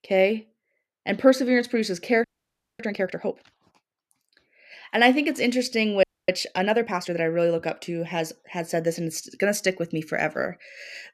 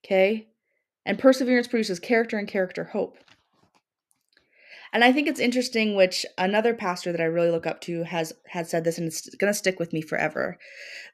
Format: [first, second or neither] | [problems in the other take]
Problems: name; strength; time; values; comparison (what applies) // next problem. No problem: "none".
second | audio freezing; at 2 s for 0.5 s and at 6 s